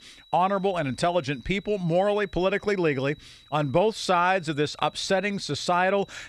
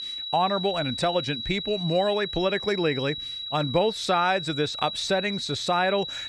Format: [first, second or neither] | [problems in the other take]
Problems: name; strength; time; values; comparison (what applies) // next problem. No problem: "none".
first | high-pitched whine; loud; throughout; 4 kHz, 6 dB below the speech; faint in the first